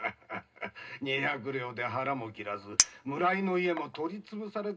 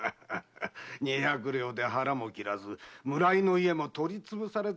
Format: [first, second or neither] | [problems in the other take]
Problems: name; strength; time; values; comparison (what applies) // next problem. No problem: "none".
second | background sound (Chink, clink); 3 dB below the speech // room echo; dies away in 0.2 s